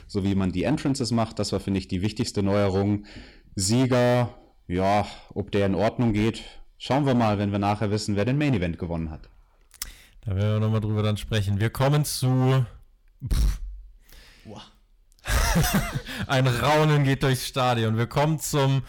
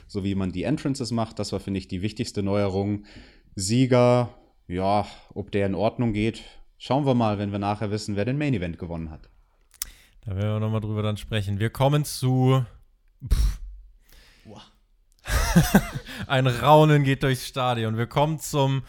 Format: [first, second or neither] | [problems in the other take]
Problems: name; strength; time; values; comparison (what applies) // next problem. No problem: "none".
second | distortion; heavy; 11% of the sound clipped